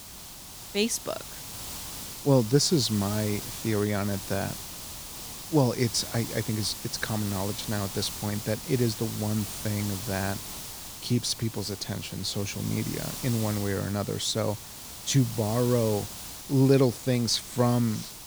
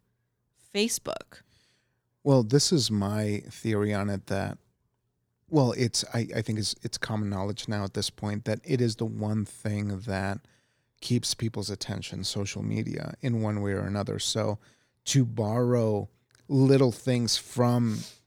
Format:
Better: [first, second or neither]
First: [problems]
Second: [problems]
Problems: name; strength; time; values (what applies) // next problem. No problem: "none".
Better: second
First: hiss; loud; throughout; 9 dB below the speech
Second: none